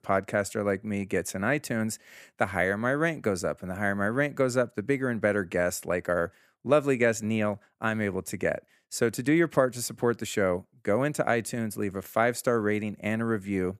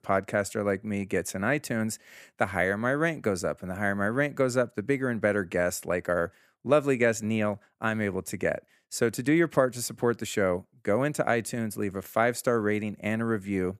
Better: neither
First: none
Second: none

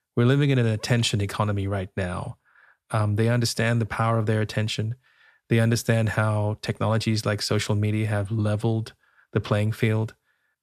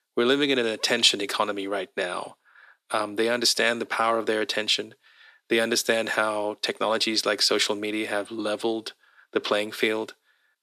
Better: first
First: none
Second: thin; somewhat; fading below 300 Hz

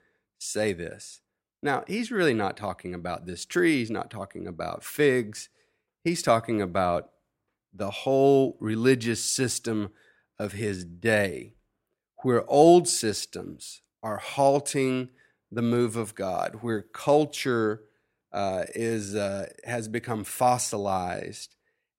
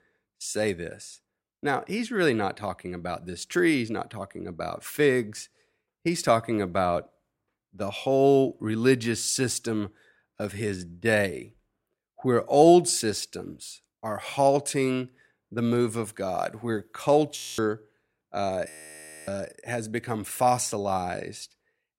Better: first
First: none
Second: audio freezing; at 17 s and at 19 s for 0.5 s

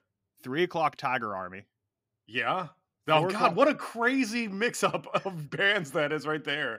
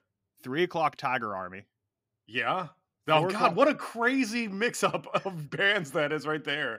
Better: neither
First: none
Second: none

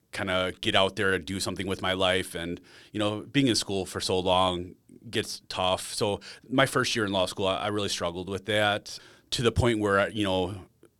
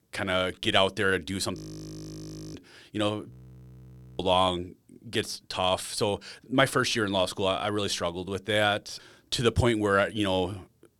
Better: first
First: none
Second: audio freezing; at 1.5 s for 1 s and at 3.5 s for 1 s

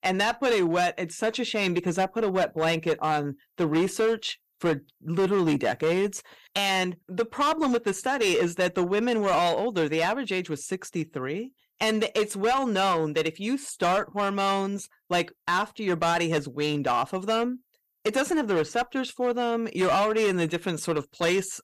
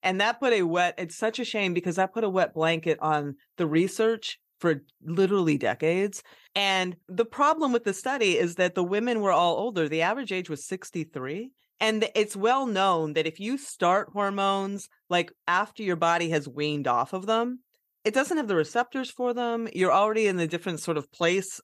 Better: second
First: distortion; slight; 9% of the sound clipped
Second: none

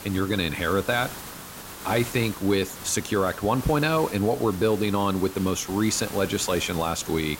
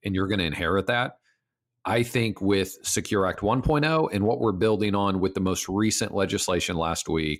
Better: second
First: hiss; noticeable; throughout; 15 dB below the speech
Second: none

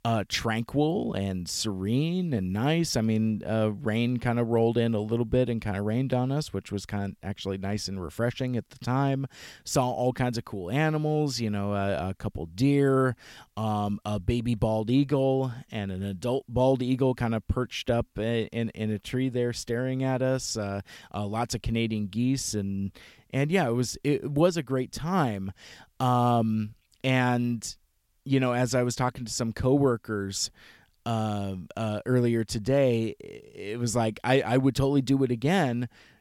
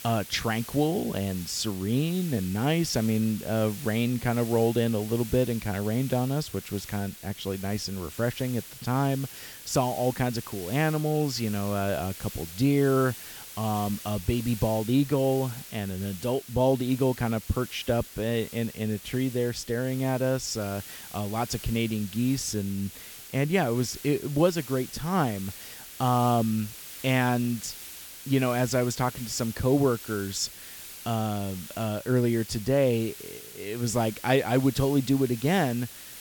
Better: first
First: none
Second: hiss; noticeable; throughout; 15 dB below the speech

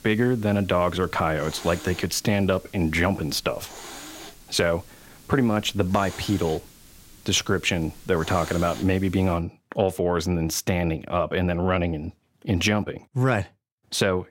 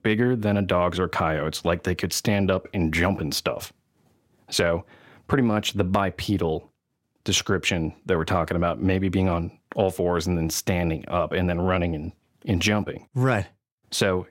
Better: second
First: hiss; noticeable; until 9.5 s; 20 dB below the speech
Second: none

